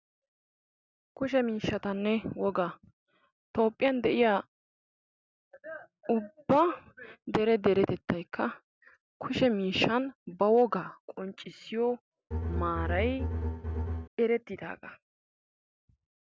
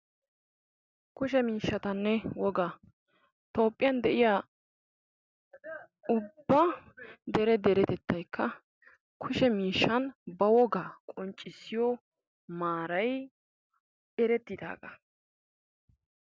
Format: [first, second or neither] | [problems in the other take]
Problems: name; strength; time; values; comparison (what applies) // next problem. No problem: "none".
second | background sound (Bowed string instrument); 2 dB below the speech